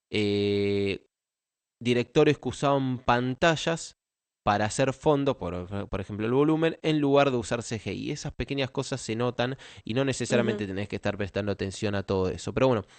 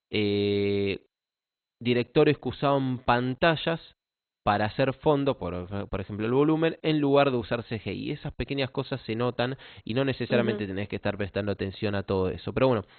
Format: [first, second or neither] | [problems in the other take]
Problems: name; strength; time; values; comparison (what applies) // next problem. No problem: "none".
first | garbled, watery; badly; nothing above 4 kHz; slightly in the first